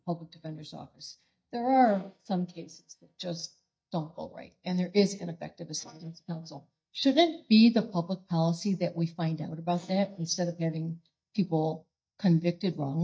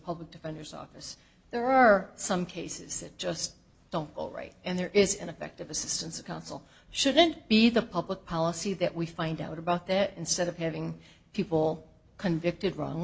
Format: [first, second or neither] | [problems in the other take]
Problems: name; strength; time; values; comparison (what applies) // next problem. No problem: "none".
second | noise reduction (neural mask model DeepFilterNet 3)